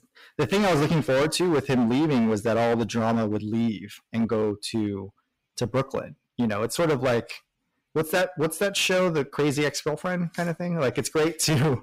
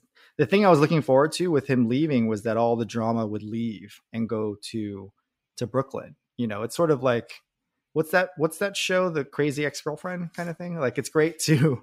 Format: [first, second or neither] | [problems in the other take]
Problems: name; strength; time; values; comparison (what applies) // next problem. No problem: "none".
second | distortion; heavy; 17% of the sound clipped